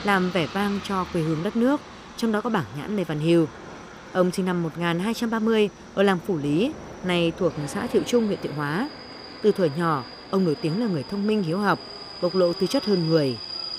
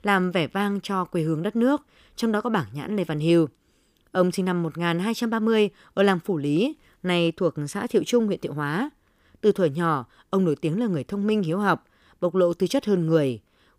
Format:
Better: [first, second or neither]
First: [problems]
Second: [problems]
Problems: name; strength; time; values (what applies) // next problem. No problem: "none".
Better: second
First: train or aircraft noise; noticeable; throughout; 15 dB below the speech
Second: none